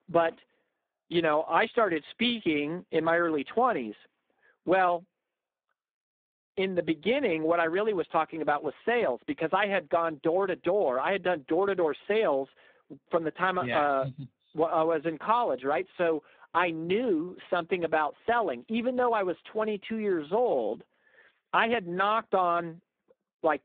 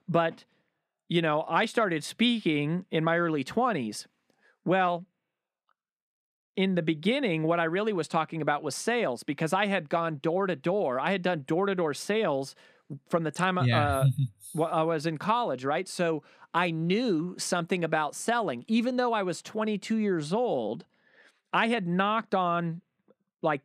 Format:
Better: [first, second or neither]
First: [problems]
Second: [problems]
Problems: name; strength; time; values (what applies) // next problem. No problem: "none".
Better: second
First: phone-call audio; poor line; nothing above 3.5 kHz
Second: none